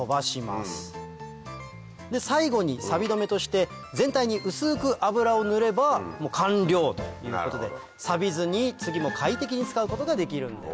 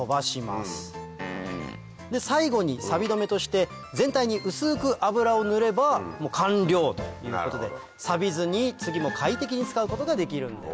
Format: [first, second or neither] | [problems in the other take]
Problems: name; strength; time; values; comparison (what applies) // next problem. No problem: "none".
first | background sound (Fart); 10 dB below the speech